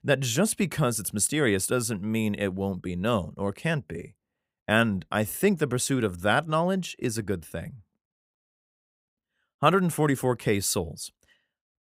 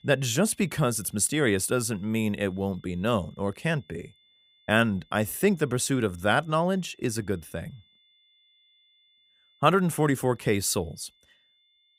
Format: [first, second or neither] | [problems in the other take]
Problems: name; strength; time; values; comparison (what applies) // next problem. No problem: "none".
first | high-pitched whine; faint; throughout; 3.5 kHz, 35 dB below the speech